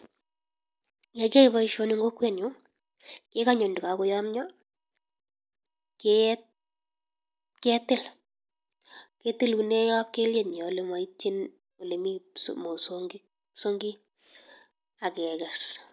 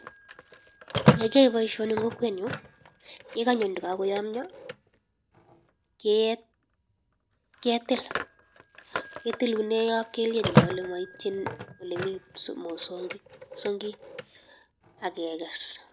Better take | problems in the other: first | background sound (Telephone); 3 dB below the speech

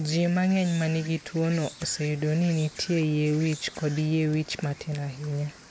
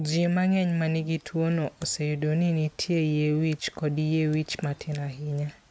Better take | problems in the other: second | background sound (Insect); 19 dB below the speech

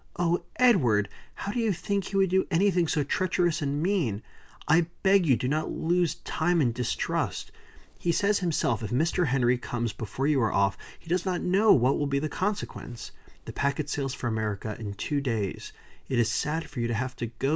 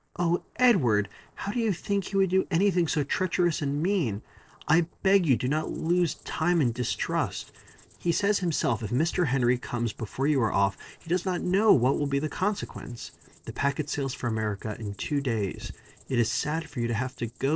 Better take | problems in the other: first | noise reduction (neural separator model SepFormer DNS4)

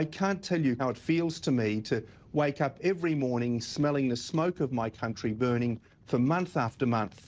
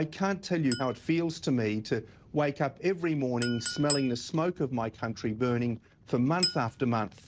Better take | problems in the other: first | background sound (Chink, clink); 11 dB below the speech

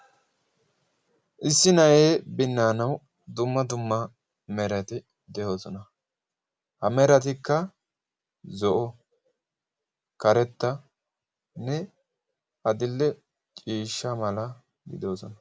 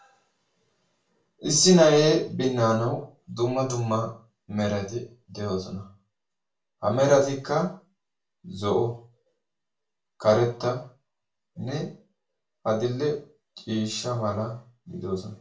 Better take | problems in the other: first | room echo; dies away in 0.3 s

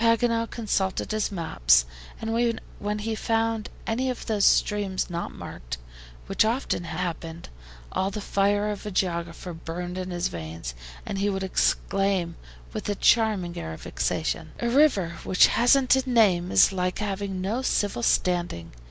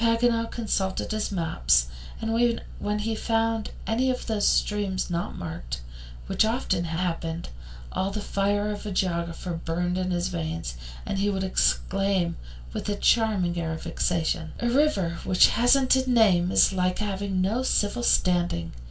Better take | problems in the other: first | room echo; dies away in 0.2 s

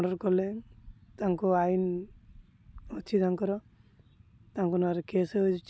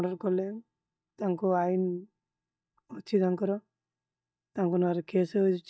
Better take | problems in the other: first | noise reduction (neural mask model DeepFilterNet 3)

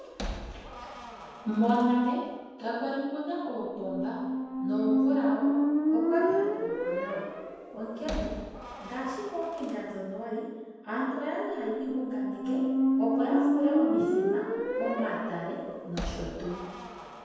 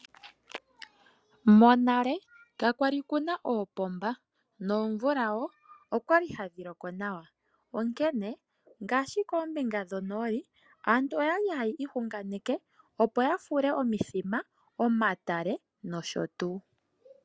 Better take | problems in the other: second | background sound (Squeak); 2 dB above the speech // room echo; dies away in 1.2 s

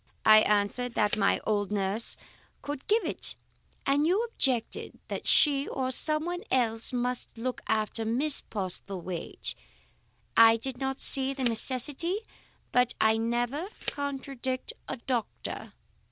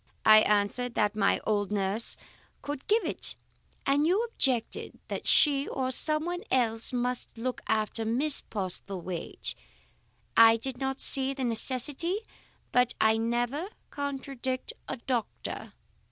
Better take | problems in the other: second | background sound (Tick); 17 dB below the speech

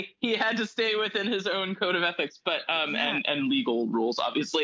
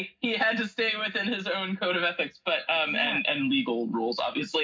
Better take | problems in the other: first | room echo; dies away in 0.4 s

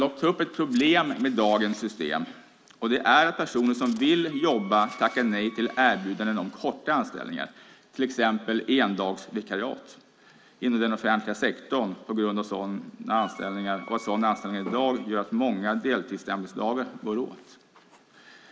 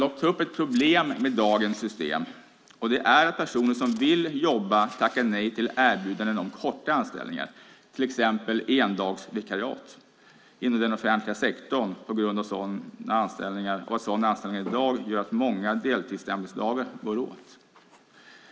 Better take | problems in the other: second | background sound (Wind instrument, woodwind instrument); 20 dB below the speech

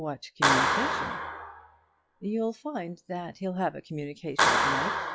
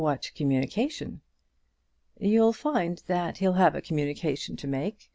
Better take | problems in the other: second | noise reduction (classical method log-MMSE)

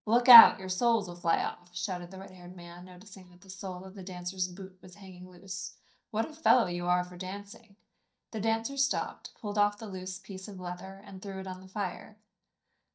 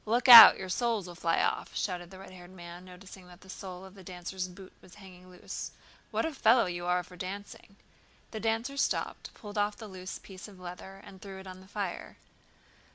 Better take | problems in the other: second | noise reduction (neural mask model DeepFilterNet 3)

